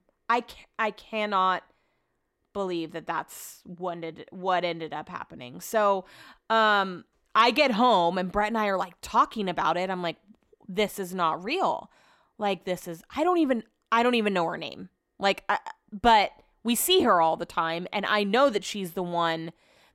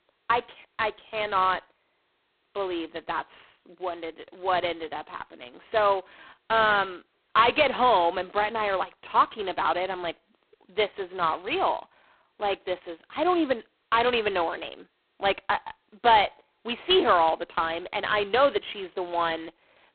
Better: first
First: none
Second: phone-call audio; poor line

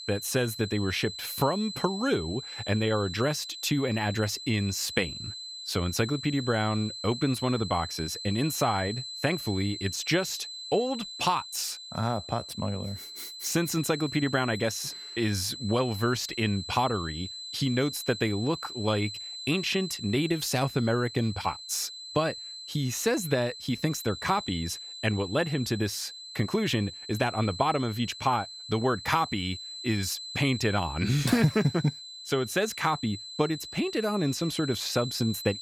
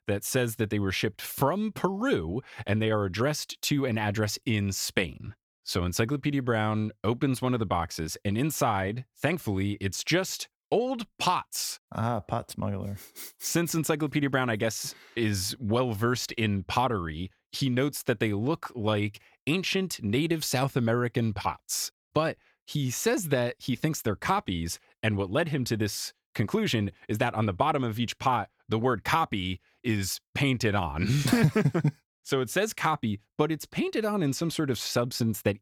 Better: second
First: high-pitched whine; loud; throughout; 4 kHz, 9 dB below the speech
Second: none

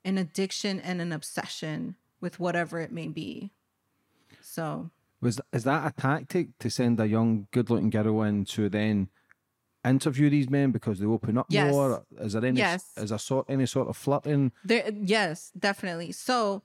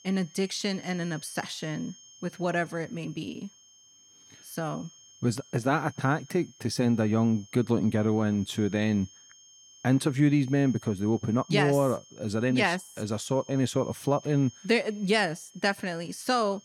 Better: first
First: none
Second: high-pitched whine; faint; throughout; 6.5 kHz, 25 dB below the speech

